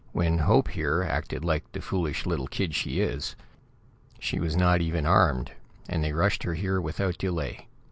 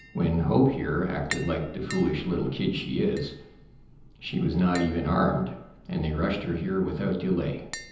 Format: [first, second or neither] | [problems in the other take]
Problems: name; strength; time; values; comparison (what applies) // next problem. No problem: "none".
first | background sound (Tap); 18 dB below the speech // room echo; dies away in 0.9 s